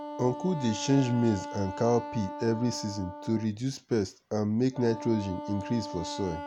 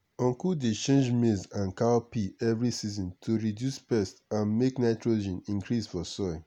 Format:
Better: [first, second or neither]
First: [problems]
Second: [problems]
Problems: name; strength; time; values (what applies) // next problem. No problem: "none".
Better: second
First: background sound (Wind instrument, woodwind instrument); 11 dB below the speech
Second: none